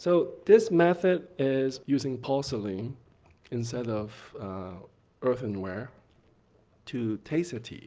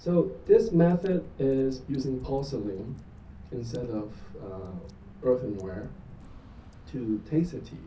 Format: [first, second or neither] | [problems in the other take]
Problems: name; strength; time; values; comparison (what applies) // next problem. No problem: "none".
first | background sound (Drip / Water); 16 dB below the speech // room echo; dies away in 0.3 s